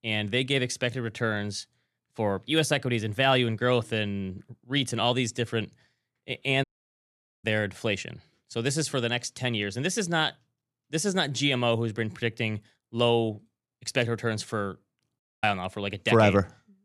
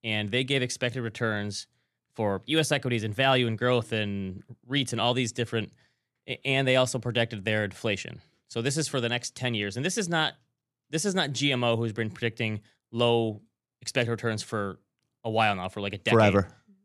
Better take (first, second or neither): second